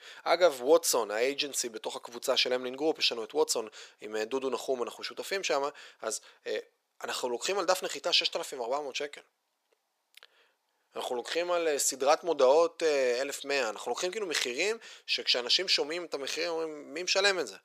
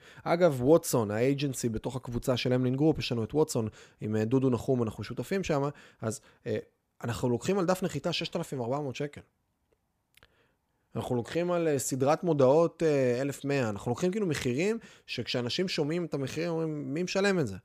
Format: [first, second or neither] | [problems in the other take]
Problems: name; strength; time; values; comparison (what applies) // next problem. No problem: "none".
second | thin; very; fading below 450 Hz